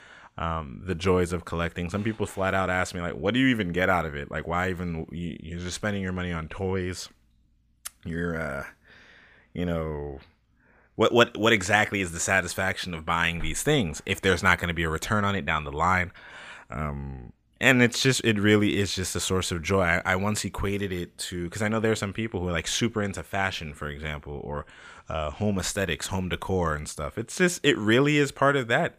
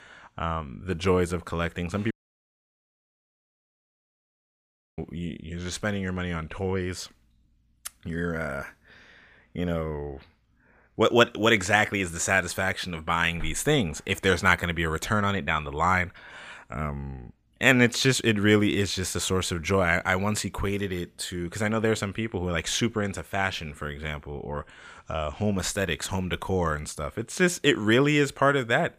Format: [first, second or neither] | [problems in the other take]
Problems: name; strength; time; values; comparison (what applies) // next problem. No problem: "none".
first | audio cutting out; at 2 s for 3 s